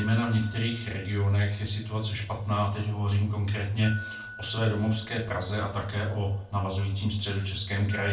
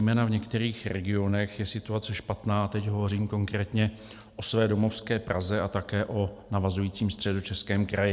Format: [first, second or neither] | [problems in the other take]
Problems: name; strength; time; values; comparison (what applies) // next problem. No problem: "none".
second | background sound (Glockenspiel); 18 dB below the speech // room echo; dies away in 0.3 s